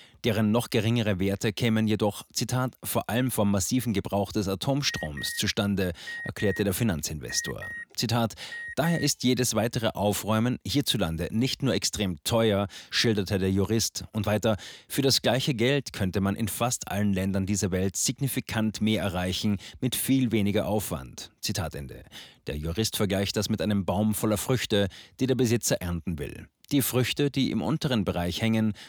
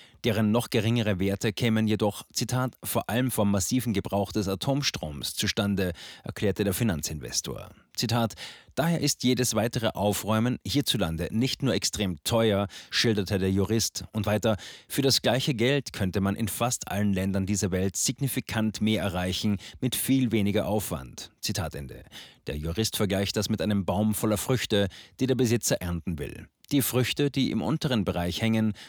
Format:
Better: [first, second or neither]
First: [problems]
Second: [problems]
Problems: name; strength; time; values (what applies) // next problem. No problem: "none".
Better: second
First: alarm; noticeable; from 5 to 9 s; peak 8 dB below the speech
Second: none